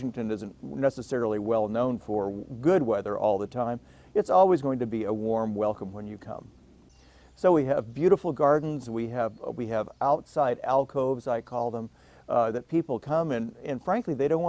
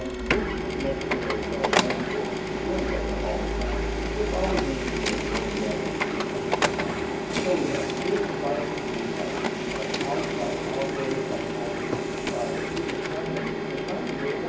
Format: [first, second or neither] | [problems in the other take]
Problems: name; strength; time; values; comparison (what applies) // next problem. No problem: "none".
first | background sound (Printer); 5 dB above the speech // room echo; dies away in 1.2 s